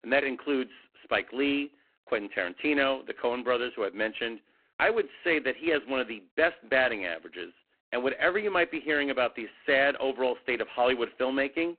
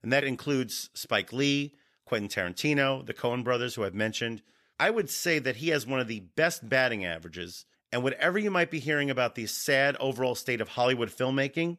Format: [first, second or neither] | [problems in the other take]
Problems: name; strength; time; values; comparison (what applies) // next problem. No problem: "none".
second | phone-call audio; poor line